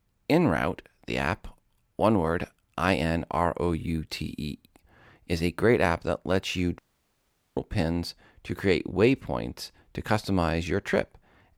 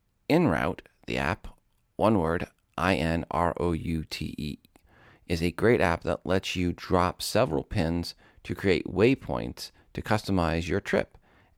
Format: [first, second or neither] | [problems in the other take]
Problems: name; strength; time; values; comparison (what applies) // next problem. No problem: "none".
second | audio cutting out; at 7 s for 1 s